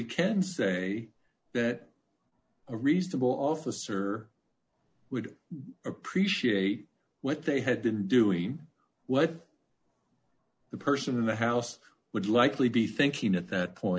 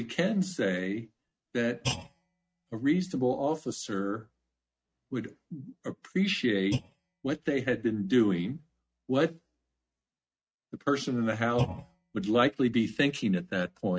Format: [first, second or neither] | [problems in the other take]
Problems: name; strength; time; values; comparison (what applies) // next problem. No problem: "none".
first | noise reduction (neural mask model RNNoise)